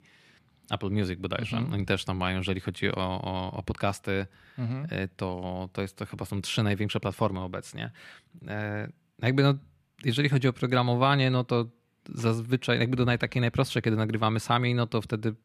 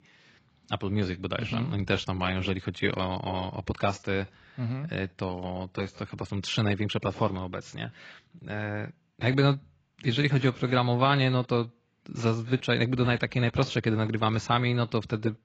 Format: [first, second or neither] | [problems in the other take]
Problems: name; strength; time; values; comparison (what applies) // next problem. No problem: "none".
first | garbled, watery; badly; nothing above 7.5 kHz